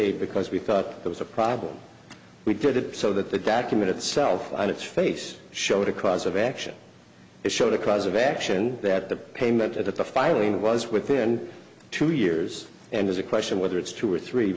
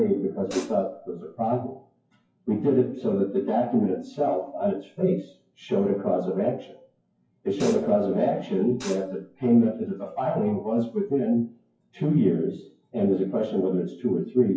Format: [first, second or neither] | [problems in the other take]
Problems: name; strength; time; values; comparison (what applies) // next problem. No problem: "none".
first | noise reduction (classical method WPE with log-MMSE)